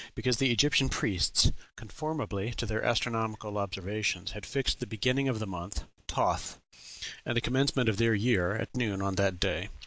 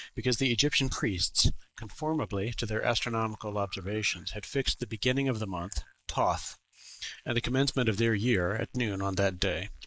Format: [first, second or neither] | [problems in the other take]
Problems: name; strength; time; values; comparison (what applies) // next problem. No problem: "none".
first | noise reduction (neural mask model Resemble Enhance denoiser)